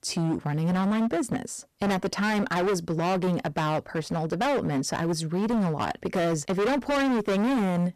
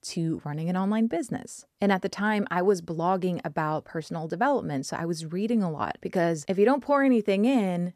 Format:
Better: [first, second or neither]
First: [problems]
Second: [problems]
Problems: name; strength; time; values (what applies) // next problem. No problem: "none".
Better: second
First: distortion; heavy; 28% of the sound clipped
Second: none